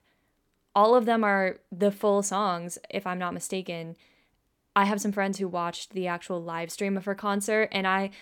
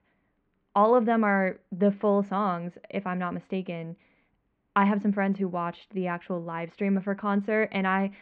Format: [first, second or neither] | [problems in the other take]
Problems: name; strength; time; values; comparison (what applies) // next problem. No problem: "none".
first | muffled; very; fading above 2.5 kHz